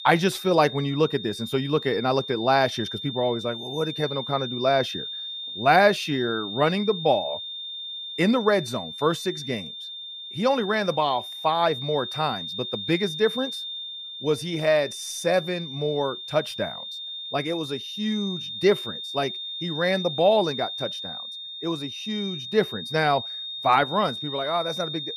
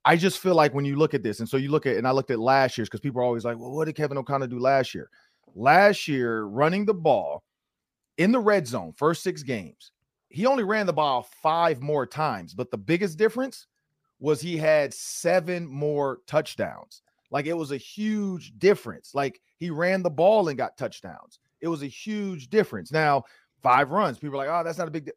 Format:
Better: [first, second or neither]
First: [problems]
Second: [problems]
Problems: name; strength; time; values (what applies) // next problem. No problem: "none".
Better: second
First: high-pitched whine; loud; throughout; 3.5 kHz, 7 dB below the speech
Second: none